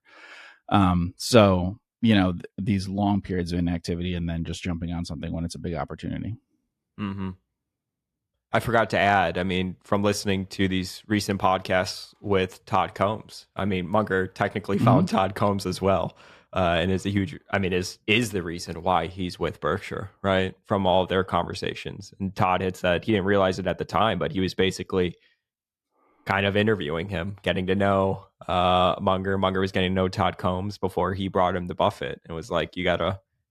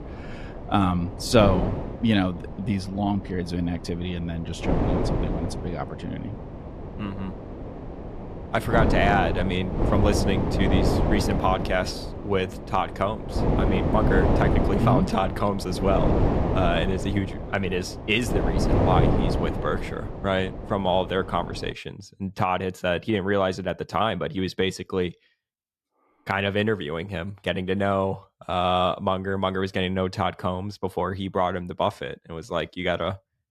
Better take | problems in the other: first | wind noise on the microphone; heavy; until 22 s; 4 dB below the speech

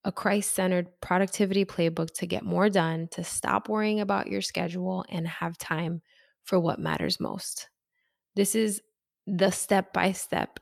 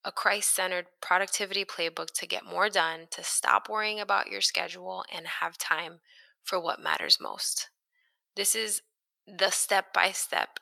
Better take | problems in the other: first | thin; very; fading below 800 Hz

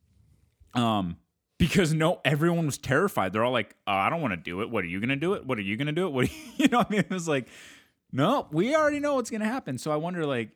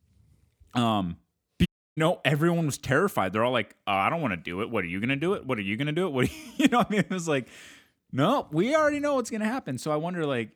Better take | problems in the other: first | audio cutting out; at 1.5 s

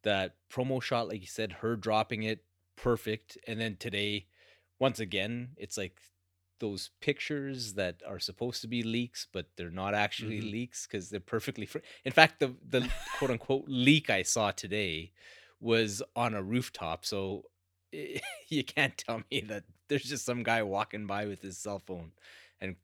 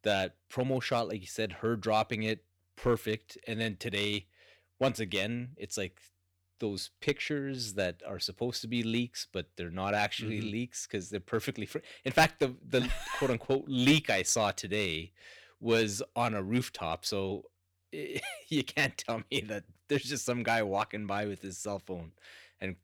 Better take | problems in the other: first | distortion; slight; 0.9% of the sound clipped

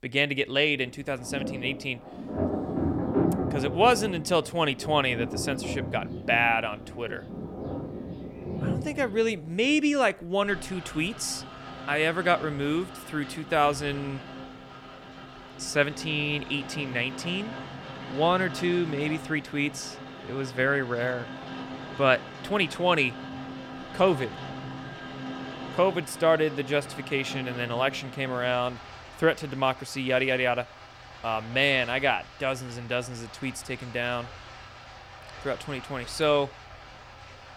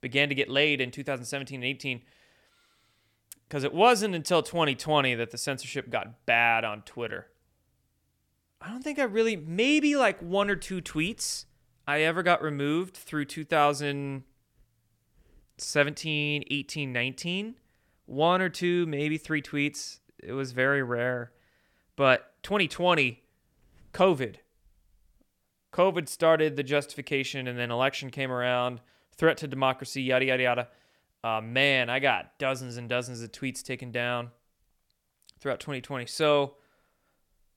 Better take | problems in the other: second | rain or running water; noticeable; throughout; 10 dB below the speech

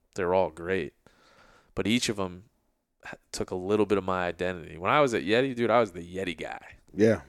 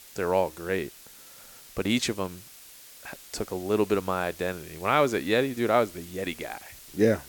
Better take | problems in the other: first | hiss; noticeable; throughout; 20 dB below the speech

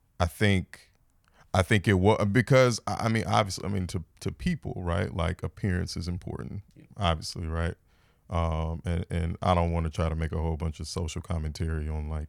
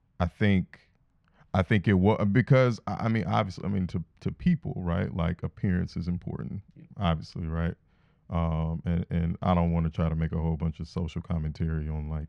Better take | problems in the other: first | muffled; slightly; fading above 3 kHz

